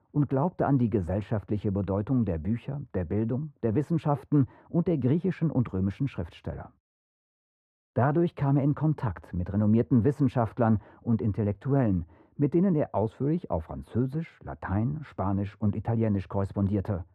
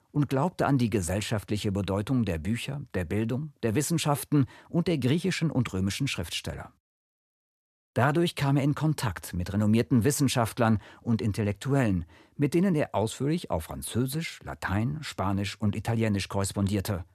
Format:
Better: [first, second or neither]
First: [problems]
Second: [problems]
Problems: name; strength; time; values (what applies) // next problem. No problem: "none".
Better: second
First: muffled; very; fading above 2.5 kHz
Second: none